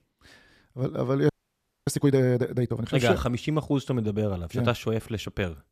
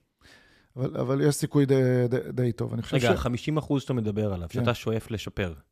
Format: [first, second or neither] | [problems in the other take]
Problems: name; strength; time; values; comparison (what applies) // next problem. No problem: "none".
second | audio freezing; at 1.5 s for 0.5 s